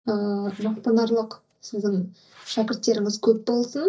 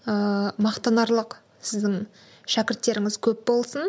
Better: second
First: noise reduction (neural mask model DeepFilterNet 3)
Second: none

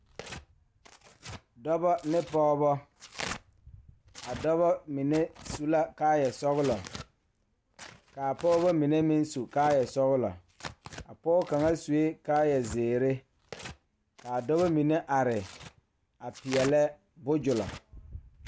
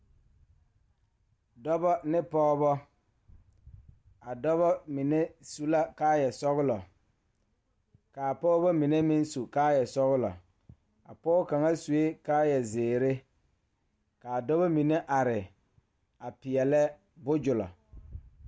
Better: second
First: background sound (Tearing); 17 dB below the speech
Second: none

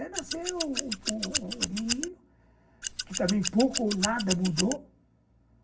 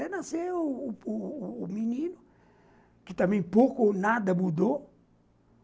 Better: second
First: background sound (Scissors); 2 dB below the speech // room echo; dies away in 0.4 s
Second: none

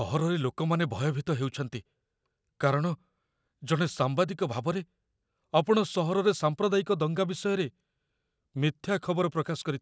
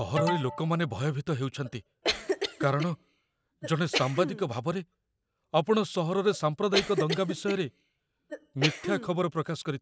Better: first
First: none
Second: background sound (Alarm + Cough); 6 dB below the speech

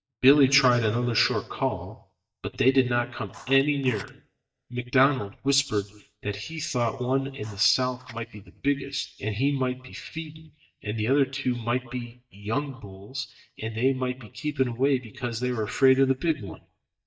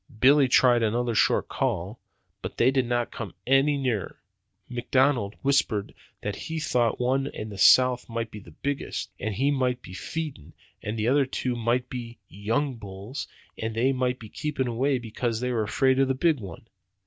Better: second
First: noise reduction (neural mask model DeepFilterNet 3)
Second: none

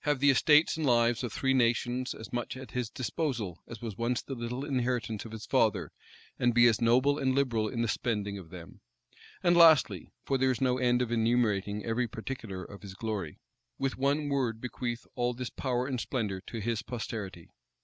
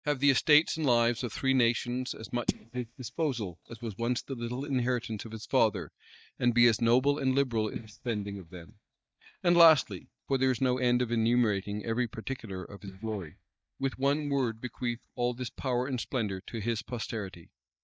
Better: first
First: none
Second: noise reduction (neural mask model DeepFilterNet 3)

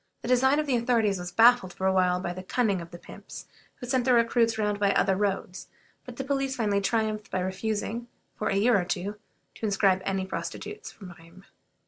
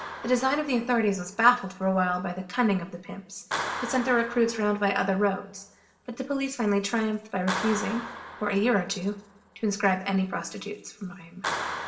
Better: first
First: none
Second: background sound (Clapping); 11 dB below the speech // room echo; dies away in 0.7 s

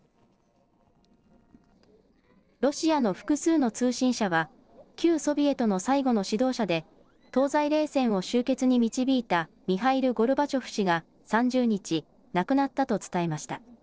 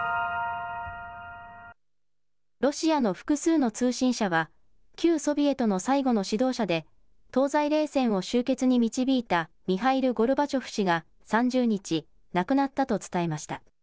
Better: second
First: noise reduction (neural separator model SepFormer DNS4)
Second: none

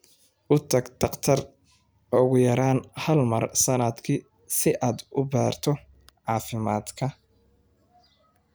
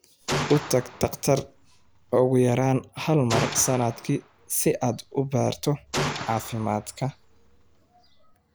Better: first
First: none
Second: background sound (Gunshot, gunfire); 9 dB below the speech

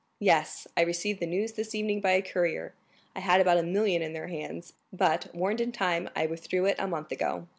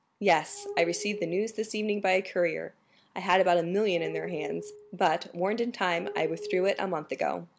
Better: first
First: none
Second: background sound (Glass); 12 dB below the speech

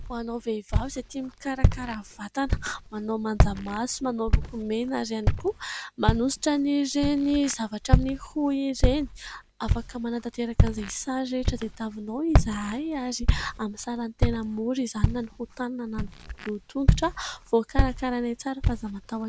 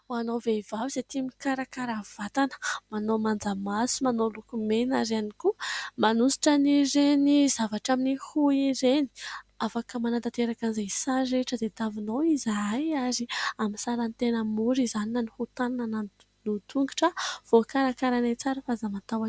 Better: second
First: background sound (Walk, footsteps); 2 dB above the speech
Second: none

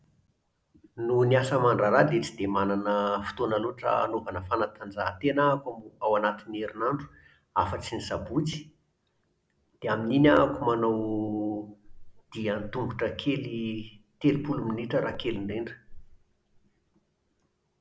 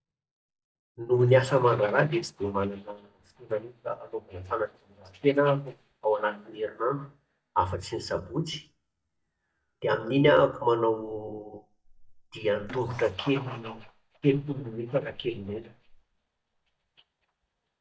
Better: first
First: none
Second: noise reduction (neural mask model DeepFilterNet 3)

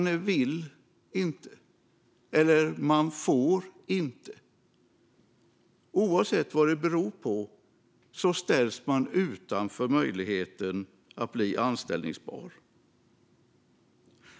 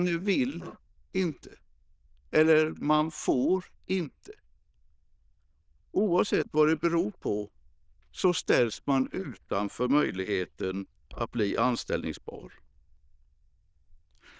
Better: first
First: none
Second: noise reduction (neural diffusion model UNIVERSE++)

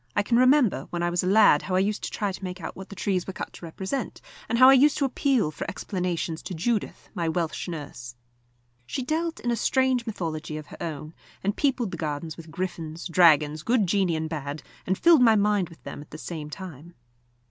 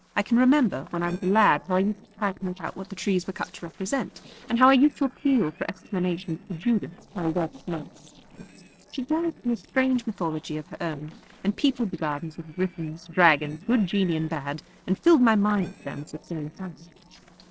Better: first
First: none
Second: noise reduction (neural separator model SepFormer DNS4)

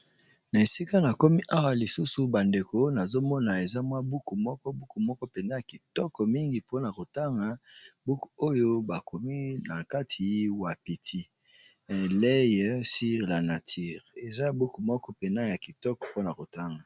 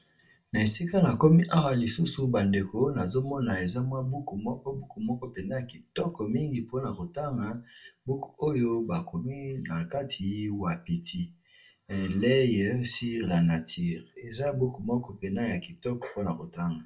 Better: first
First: none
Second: room echo; dies away in 0.2 s

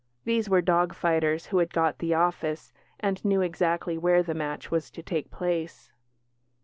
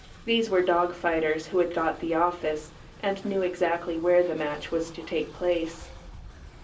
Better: first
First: none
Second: background sound (Train); 19 dB below the speech // room echo; dies away in 0.3 s

